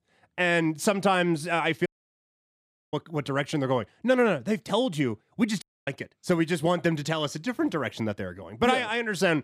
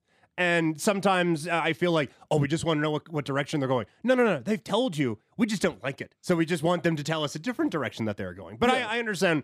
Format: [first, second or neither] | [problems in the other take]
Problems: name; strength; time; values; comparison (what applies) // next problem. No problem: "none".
second | audio cutting out; at 2 s for 1 s and at 5.5 s